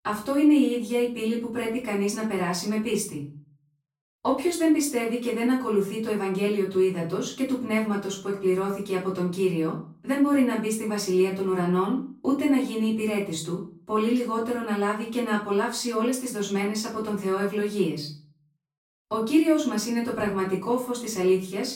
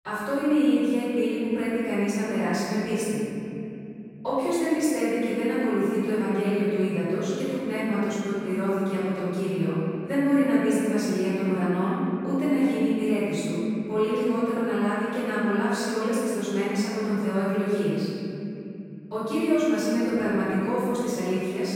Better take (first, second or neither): first